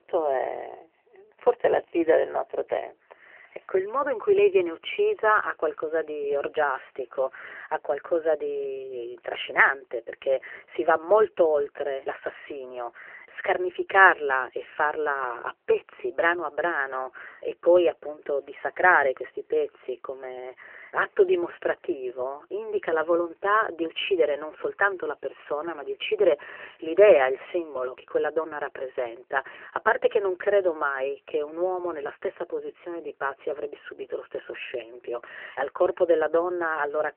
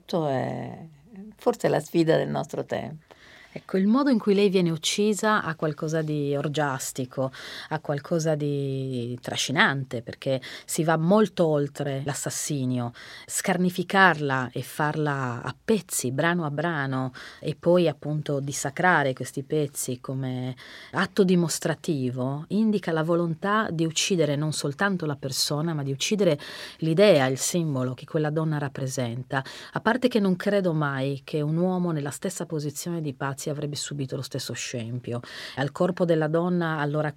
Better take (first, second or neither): second